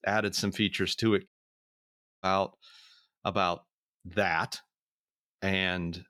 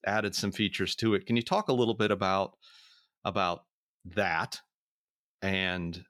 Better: second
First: audio cutting out; at 1.5 s for 1 s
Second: none

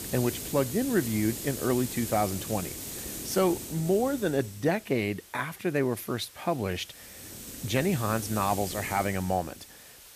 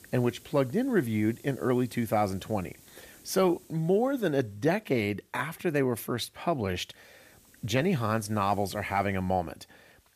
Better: second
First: hiss; loud; throughout; 8 dB below the speech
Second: hiss; faint; throughout; 25 dB below the speech

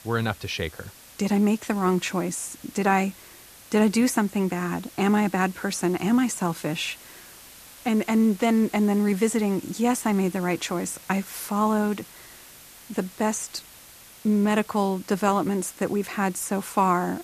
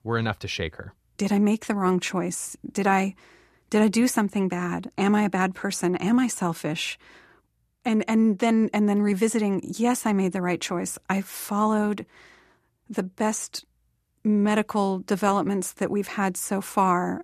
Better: second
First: hiss; faint; throughout; 20 dB below the speech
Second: none

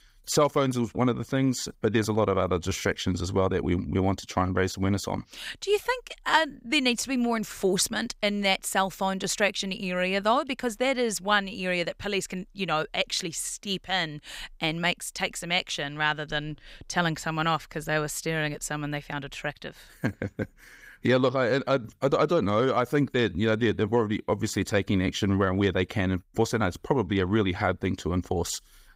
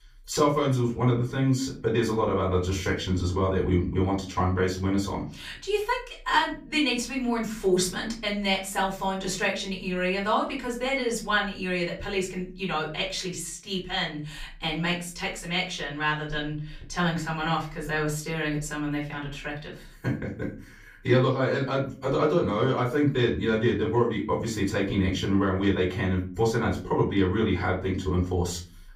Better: first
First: none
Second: off-mic speech; far // room echo; slight; dies away in 0.4 s

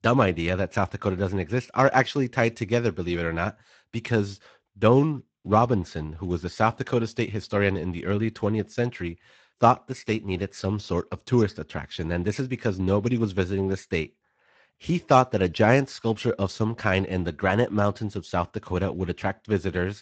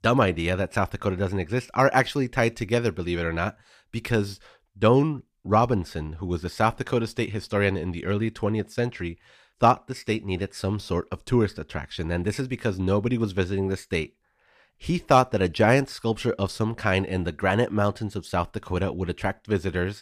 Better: second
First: garbled, watery; slightly; nothing above 7.5 kHz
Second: none

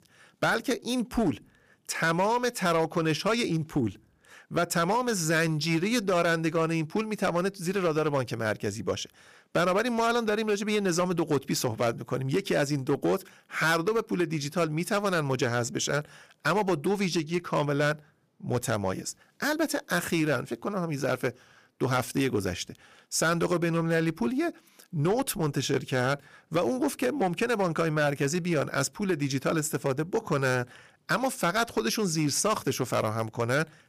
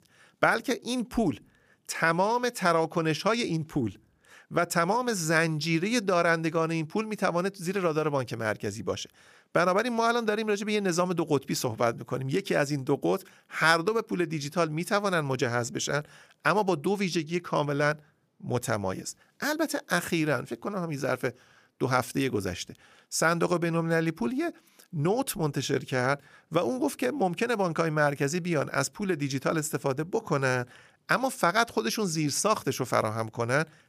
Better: second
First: distortion; slight; 5% of the sound clipped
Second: none

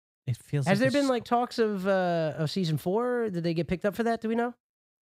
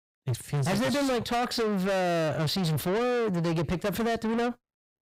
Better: first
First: none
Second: distortion; heavy; 6 dB below the speech

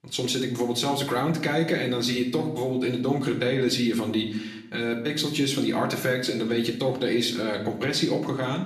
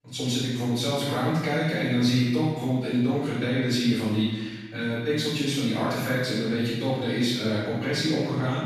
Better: first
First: room echo; slight; dies away in 0.6 s // off-mic speech; somewhat distant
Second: room echo; strong; dies away in 1.2 s // off-mic speech; far

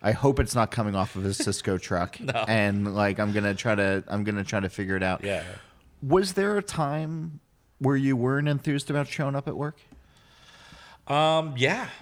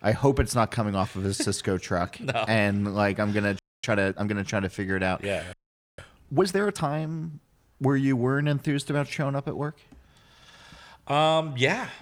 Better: first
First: none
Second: audio freezing; at 3.5 s and at 5.5 s

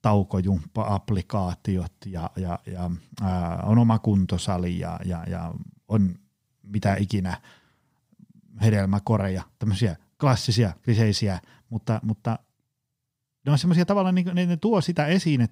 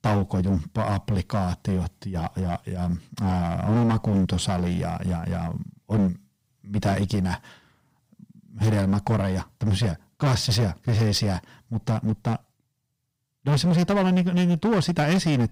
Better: first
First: none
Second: distortion; heavy; 13% of the sound clipped

